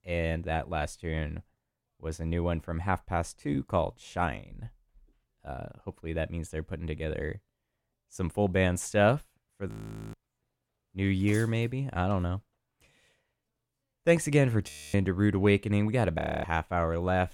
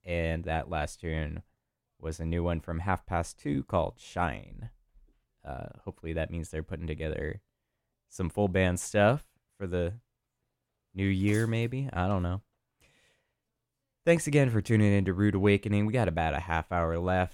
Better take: second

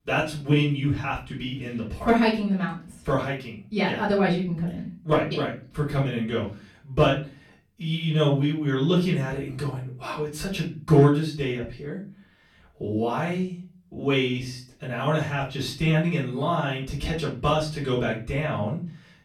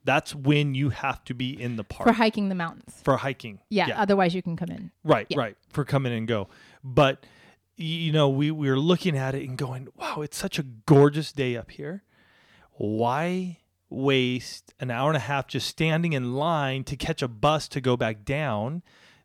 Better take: second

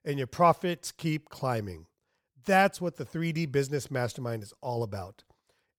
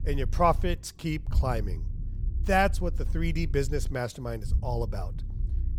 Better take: first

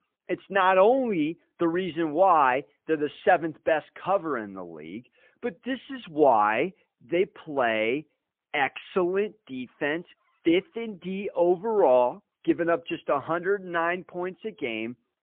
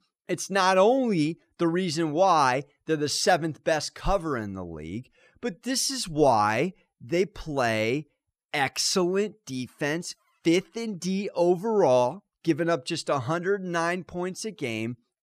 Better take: second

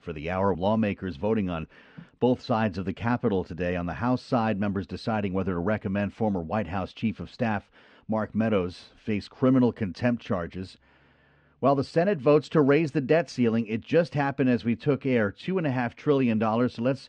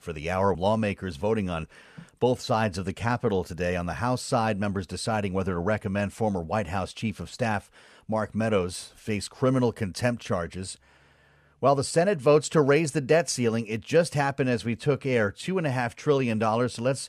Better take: second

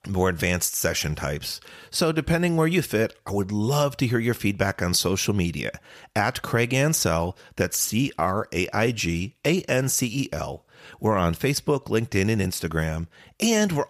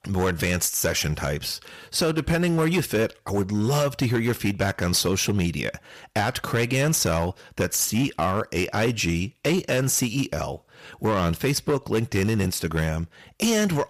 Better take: first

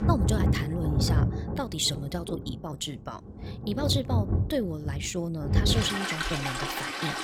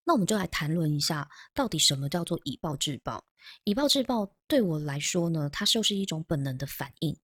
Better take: second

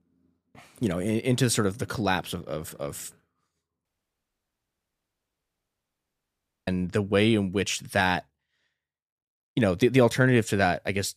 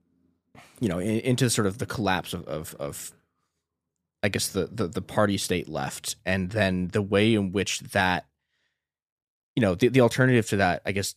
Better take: second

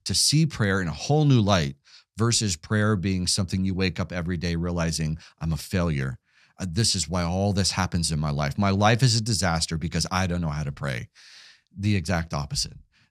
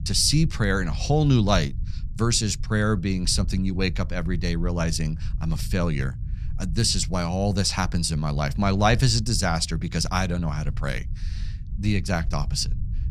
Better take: first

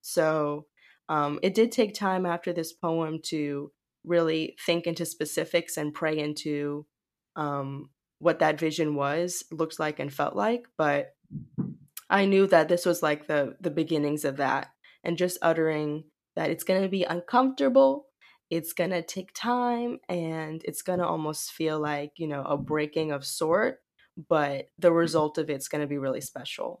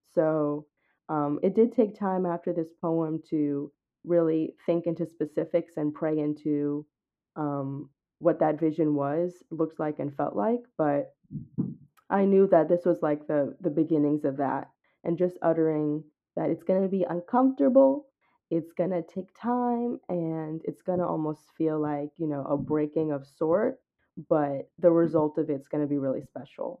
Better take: first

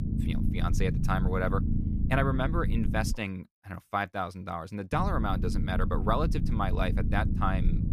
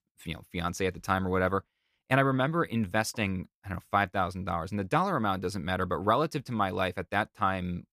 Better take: second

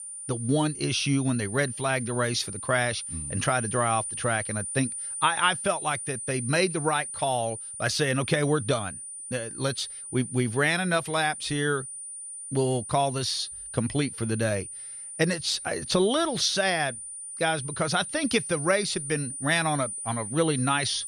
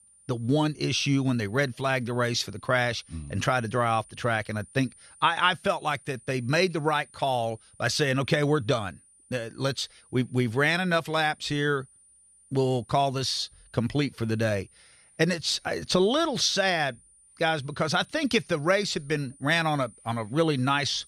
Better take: second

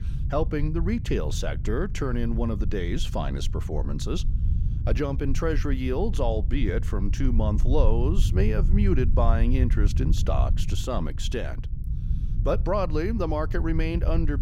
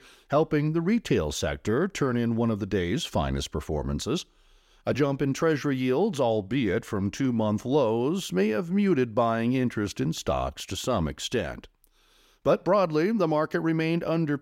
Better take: second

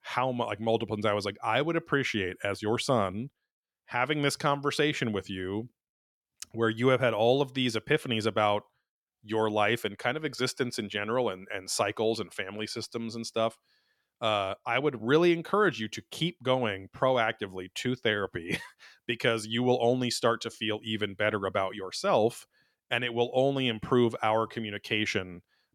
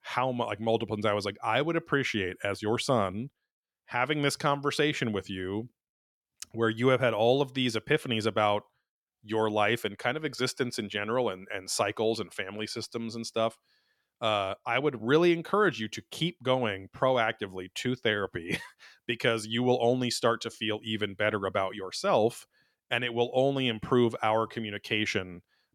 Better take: neither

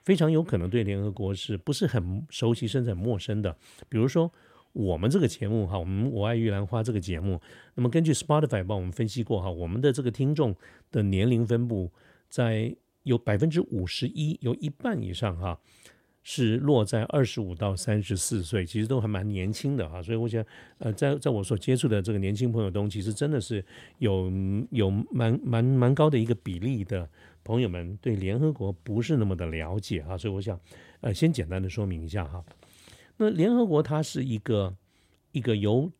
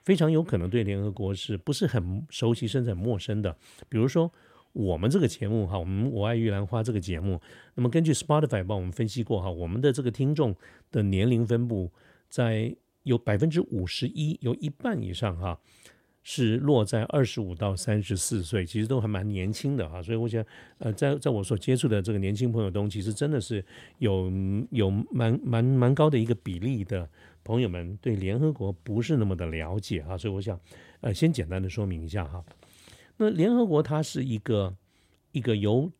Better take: neither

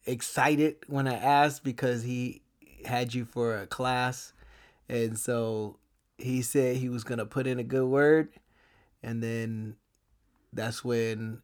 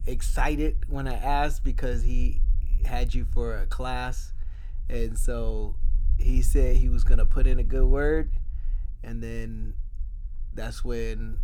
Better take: first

